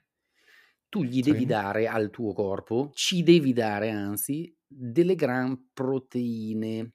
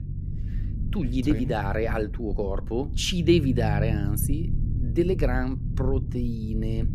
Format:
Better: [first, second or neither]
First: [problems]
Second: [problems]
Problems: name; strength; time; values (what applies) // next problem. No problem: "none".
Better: first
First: none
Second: low rumble; noticeable; throughout; 15 dB below the speech